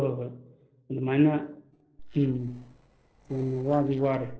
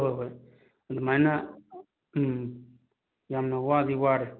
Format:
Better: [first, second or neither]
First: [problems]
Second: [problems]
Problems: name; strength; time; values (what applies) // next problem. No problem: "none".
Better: second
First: noise reduction (neural separator model SepFormer DNS4)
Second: none